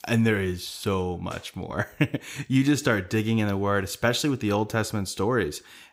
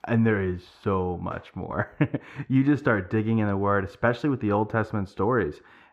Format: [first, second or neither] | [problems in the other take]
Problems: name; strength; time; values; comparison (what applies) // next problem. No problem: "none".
first | muffled; very; fading above 3.5 kHz